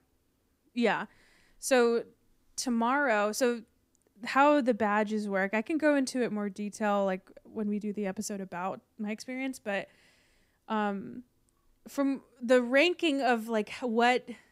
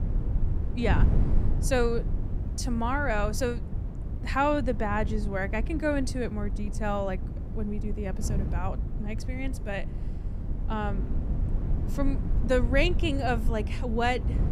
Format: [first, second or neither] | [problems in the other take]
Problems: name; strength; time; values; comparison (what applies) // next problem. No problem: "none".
first | wind noise on the microphone; occasional gusts; 15 dB below the speech